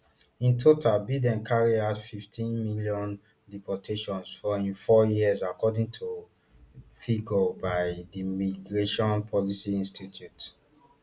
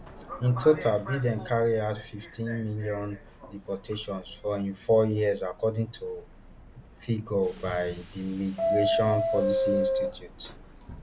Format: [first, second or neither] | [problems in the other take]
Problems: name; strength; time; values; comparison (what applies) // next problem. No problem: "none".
first | background sound (Subway, metro, underground); 4 dB below the speech